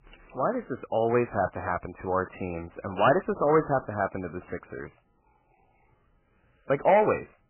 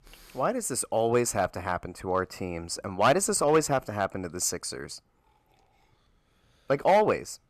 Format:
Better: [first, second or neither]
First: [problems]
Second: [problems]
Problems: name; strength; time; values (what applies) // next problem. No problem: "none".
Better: second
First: garbled, watery; badly; nothing above 3 kHz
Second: none